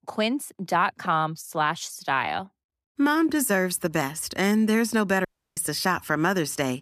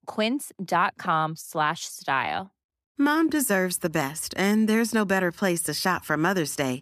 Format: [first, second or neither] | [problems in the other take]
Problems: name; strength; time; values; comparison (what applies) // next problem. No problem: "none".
second | audio cutting out; at 5.5 s